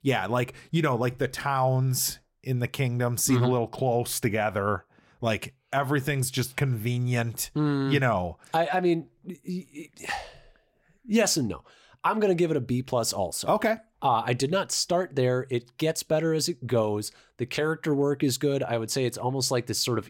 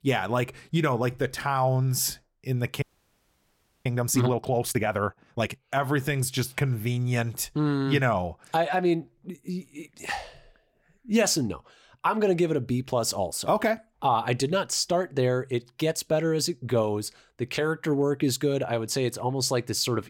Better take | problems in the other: first | audio freezing; at 3 s for 1 s

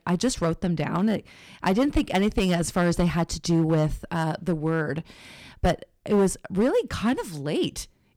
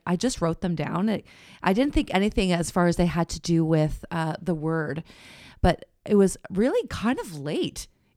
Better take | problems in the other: second | distortion; slight; 4% of the sound clipped

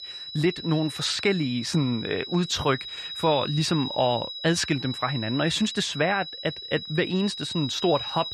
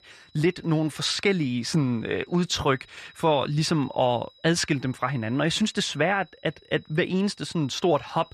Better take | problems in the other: second | high-pitched whine; loud; throughout; 4 kHz, 8 dB below the speech; faint in the second

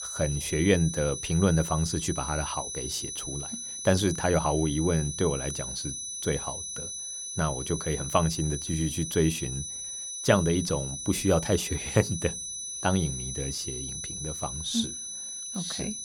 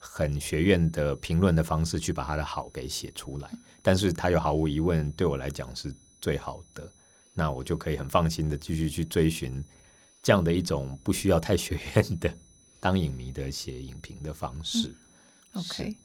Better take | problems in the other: second | high-pitched whine; loud; throughout; 6 kHz, 5 dB below the speech; faint in the second

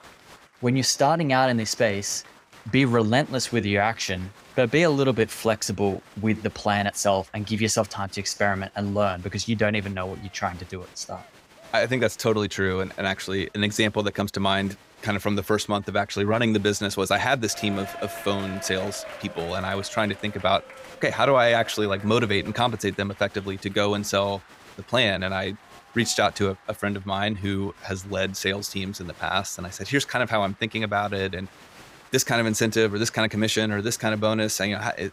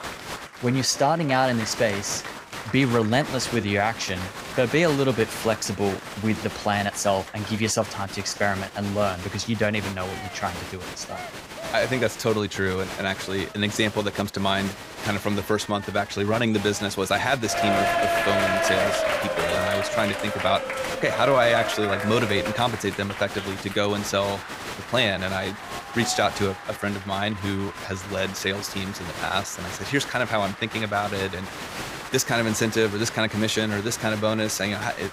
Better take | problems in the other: first | crowd noise; loud; throughout; 6 dB below the speech; faint in the first

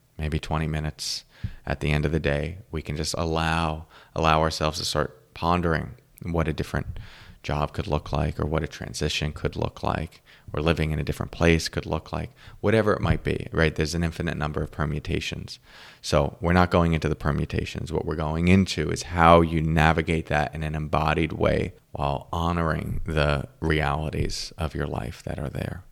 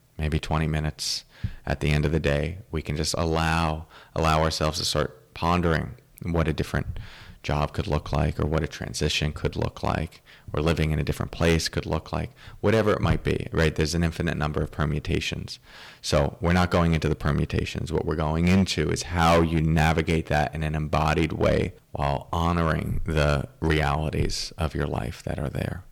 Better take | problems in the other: first | distortion; slight; 3% of the sound clipped

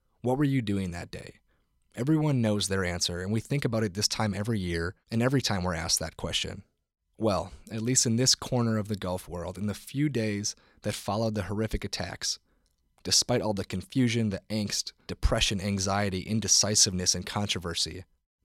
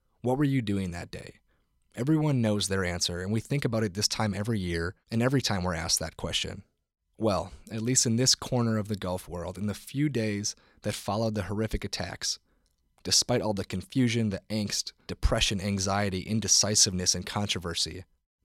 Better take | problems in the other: neither | none

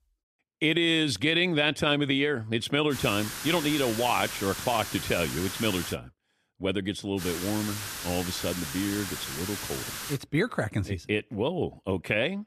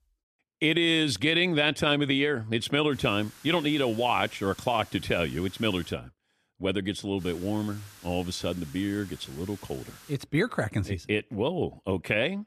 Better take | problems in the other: second | hiss; loud; from 3 to 6 s and from 7 to 10 s; 7 dB below the speech; faint in the second

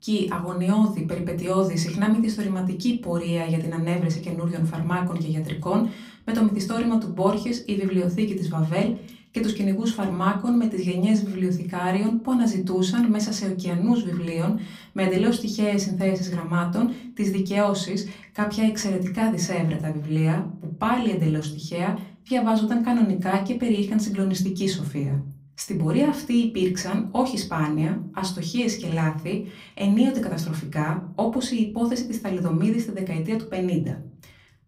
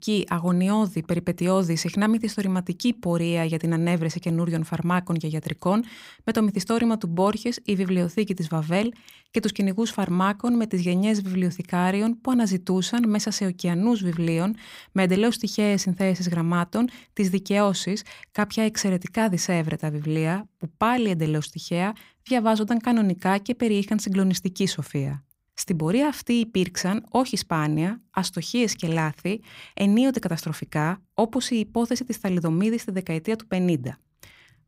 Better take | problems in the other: second | off-mic speech; far // room echo; very slight; dies away in 0.4 s

